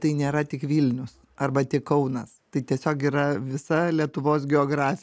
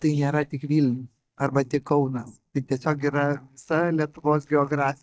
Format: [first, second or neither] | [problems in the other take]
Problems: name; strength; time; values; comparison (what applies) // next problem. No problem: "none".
first | noise reduction (neural mask model DeepFilterNet 3)